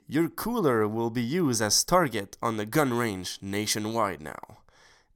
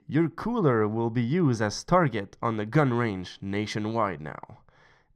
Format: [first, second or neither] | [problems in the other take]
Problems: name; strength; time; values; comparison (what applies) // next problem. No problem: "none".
first | muffled; slightly; fading above 3 kHz